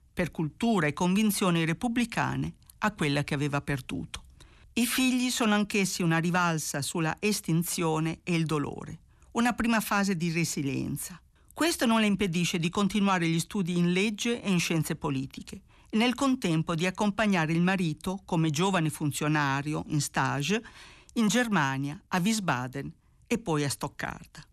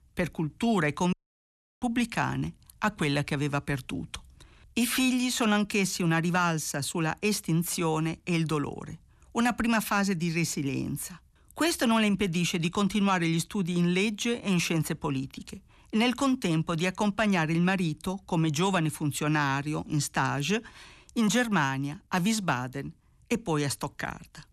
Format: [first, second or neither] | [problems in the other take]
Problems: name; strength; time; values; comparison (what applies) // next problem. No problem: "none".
first | audio cutting out; at 1 s for 0.5 s